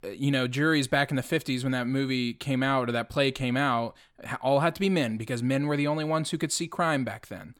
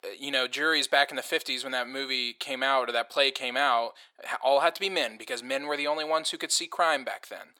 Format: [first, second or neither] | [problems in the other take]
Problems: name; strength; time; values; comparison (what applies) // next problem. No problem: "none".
first | thin; very; fading below 500 Hz